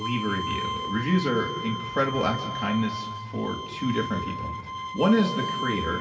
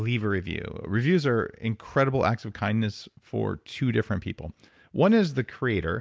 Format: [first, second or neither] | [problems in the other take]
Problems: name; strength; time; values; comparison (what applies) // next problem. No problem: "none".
second | background sound (Bowed string instrument); 6 dB below the speech // room echo; dies away in 2.3 s